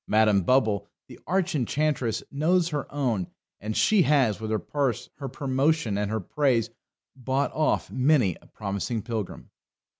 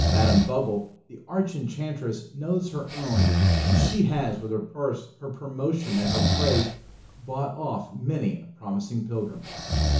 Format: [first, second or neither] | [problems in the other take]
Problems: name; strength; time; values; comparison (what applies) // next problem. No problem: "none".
first | background sound (Breathing); 1 dB above the speech // room echo; dies away in 0.8 s